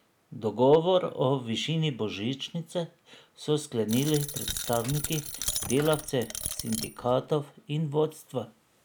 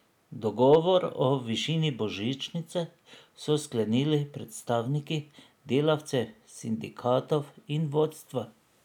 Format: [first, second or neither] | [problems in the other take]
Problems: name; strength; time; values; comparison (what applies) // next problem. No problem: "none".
second | background sound (Coin (dropping)); 7 dB below the speech